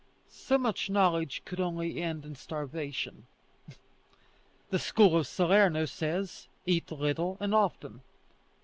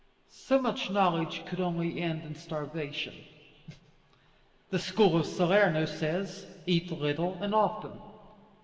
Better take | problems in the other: first | room echo; dies away in 1.9 s

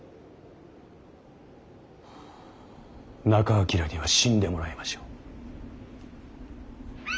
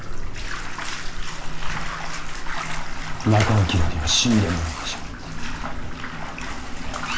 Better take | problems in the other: first | background sound (Bathtub (filling or washing)); as loud as the speech // room echo; dies away in 0.2 s

